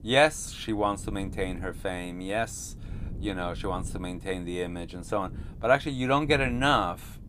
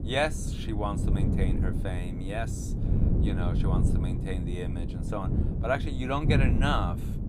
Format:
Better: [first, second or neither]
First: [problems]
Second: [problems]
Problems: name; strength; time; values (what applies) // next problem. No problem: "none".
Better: first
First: wind noise on the microphone; occasional gusts; 25 dB below the speech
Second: wind noise on the microphone; heavy; 6 dB below the speech